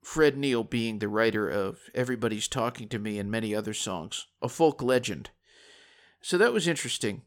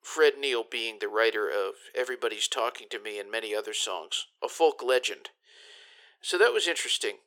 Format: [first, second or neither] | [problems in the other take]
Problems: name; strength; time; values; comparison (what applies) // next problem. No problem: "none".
first | thin; very; fading below 400 Hz